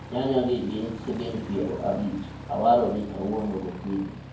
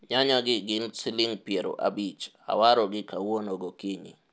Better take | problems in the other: second | background sound (Aircraft); 13 dB below the speech // room echo; dies away in 0.9 s

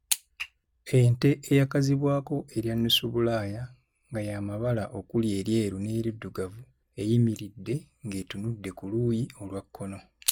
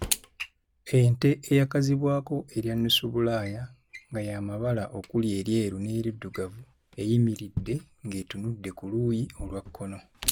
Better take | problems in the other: first | background sound (Drawer open or close); 18 dB below the speech

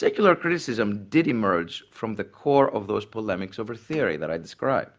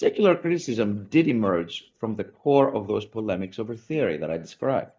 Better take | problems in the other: first | noise reduction (neural mask model DeepFilterNet 3)

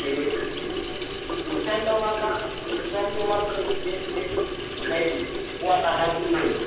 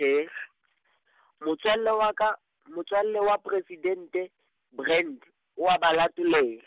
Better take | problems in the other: second | background sound (Sink (filling or washing) / Water tap, faucet); 3 dB below the speech // room echo; dies away in 1.2 s

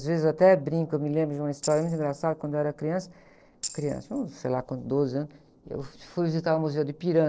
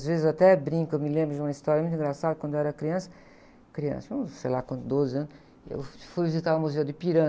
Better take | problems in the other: second | noise reduction (neural separator model SepFormer DNS4)

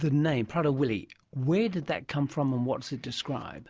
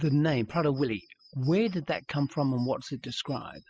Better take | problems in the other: first | noise reduction (classical method spectral subtraction)

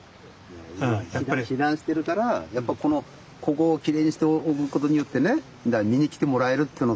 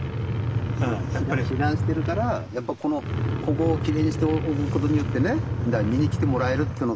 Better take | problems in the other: first | background sound (Truck); as loud as the speech

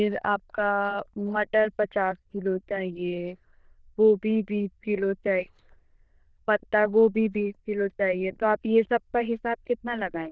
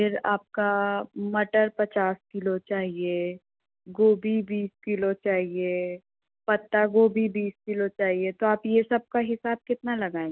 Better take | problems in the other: second | noise reduction (neural diffusion model UNIVERSE++)

